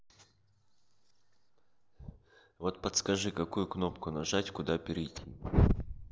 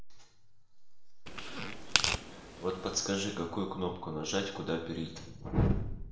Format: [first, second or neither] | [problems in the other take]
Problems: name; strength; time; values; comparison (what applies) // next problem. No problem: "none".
first | background sound (Tearing); 1 dB below the speech // room echo; dies away in 0.7 s